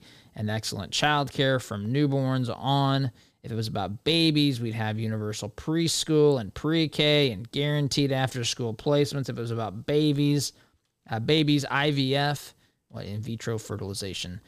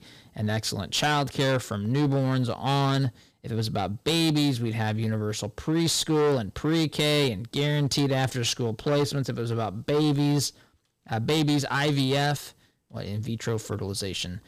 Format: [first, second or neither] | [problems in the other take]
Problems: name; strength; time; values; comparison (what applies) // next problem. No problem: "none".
first | distortion; slight; 11% of the sound clipped